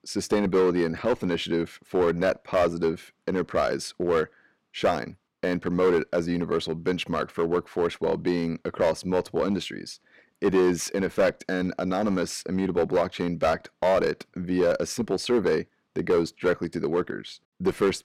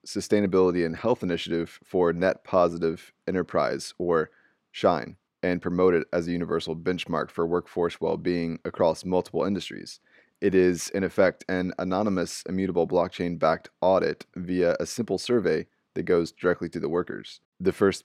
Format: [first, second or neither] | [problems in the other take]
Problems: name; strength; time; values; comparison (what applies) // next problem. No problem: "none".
second | distortion; slight; 5% of the sound clipped